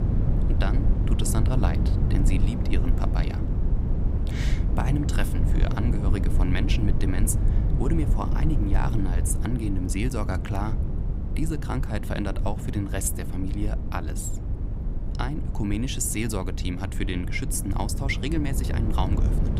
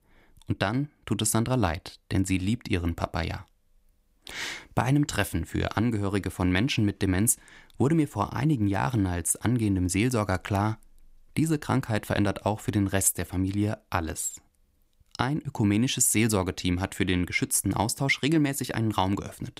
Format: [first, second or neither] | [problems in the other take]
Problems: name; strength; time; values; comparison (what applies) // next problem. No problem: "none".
second | wind noise on the microphone; heavy; 6 dB below the speech